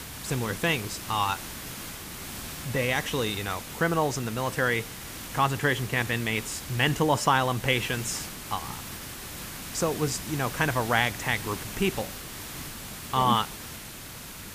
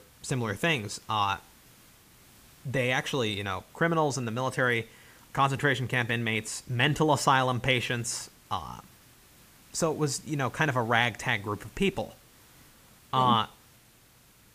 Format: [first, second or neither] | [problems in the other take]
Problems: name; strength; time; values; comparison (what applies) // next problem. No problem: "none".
second | hiss; loud; throughout; 10 dB below the speech; faint in the second